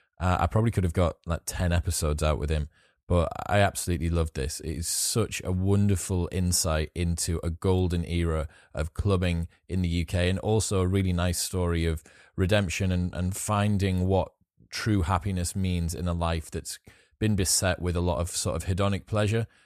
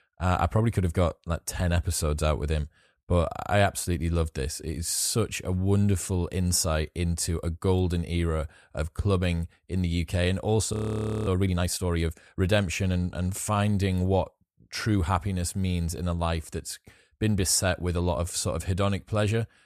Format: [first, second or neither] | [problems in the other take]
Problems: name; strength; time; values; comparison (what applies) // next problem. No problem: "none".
first | audio freezing; at 11 s for 0.5 s